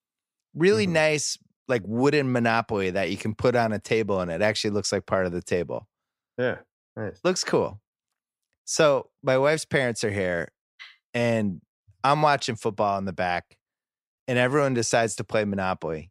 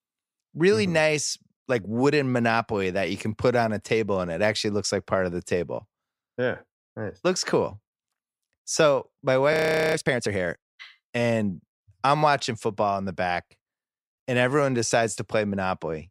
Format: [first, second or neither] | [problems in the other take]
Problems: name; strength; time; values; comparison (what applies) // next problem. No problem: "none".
first | audio freezing; at 9.5 s